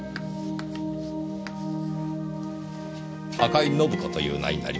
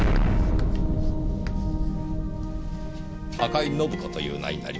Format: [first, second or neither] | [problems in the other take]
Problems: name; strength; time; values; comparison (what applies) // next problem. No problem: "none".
first | background sound (Explosion); 5 dB above the speech